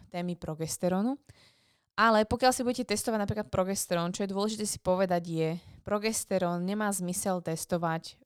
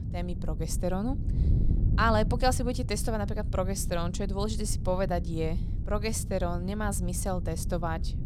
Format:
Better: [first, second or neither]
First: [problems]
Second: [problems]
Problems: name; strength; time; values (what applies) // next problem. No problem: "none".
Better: first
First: none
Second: wind noise on the microphone; occasional gusts; 15 dB below the speech